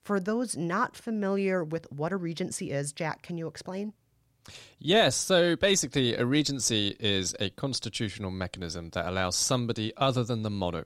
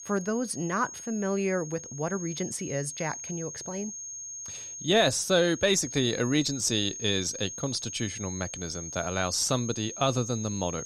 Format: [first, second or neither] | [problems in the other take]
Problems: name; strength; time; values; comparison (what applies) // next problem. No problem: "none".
first | high-pitched whine; loud; throughout; 6.5 kHz, 9 dB below the speech